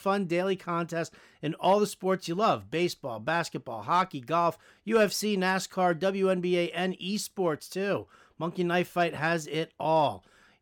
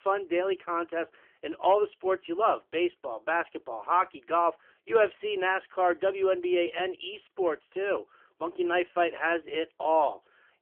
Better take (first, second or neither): first